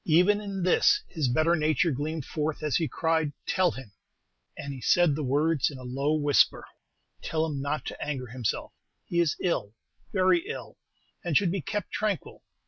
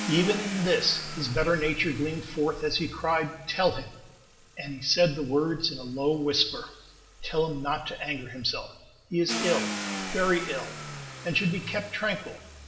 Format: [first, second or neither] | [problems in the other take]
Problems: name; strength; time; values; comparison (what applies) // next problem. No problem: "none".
first | background sound (Car); 11 dB below the speech // room echo; dies away in 0.9 s